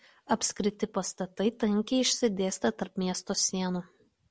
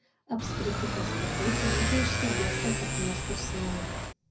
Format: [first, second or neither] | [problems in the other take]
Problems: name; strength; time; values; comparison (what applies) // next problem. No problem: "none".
first | background sound (Motorcycle / Accelerating, revving, vroom); 4 dB above the speech // room echo; dies away in 0.4 s